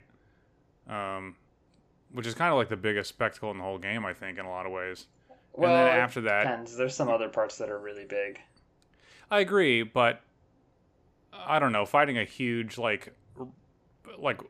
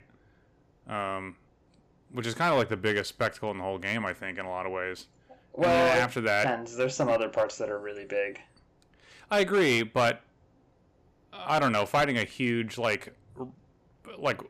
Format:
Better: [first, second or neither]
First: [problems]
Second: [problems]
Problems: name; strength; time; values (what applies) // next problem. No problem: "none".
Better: first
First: none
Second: distortion; slight; 3% of the sound clipped